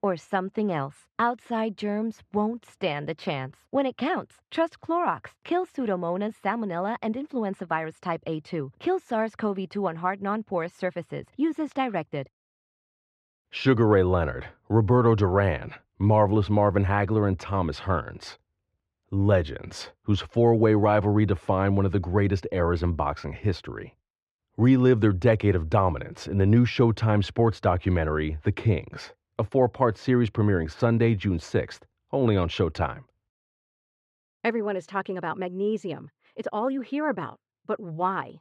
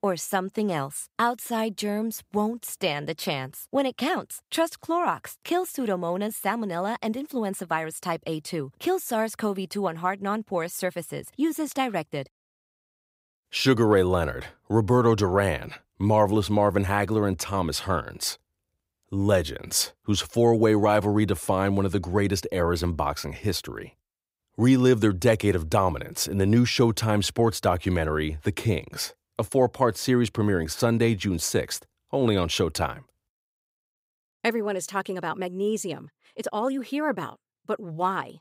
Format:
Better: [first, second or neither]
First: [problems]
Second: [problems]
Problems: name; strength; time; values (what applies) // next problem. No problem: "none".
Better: second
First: muffled; slightly; fading above 2.5 kHz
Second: none